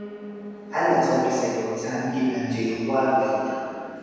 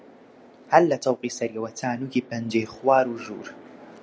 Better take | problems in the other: second | background sound (Piano); 18 dB below the speech // room echo; dies away in 2.1 s

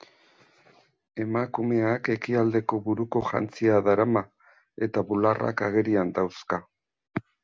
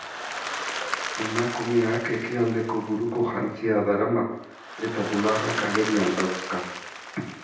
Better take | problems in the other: first | background sound (Applause); 8 dB below the speech // room echo; dies away in 0.9 s

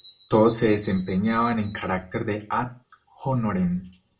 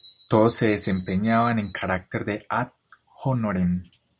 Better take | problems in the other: second | room echo; dies away in 0.2 s

